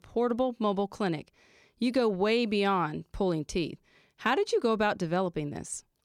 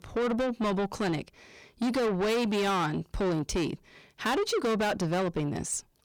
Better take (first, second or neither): first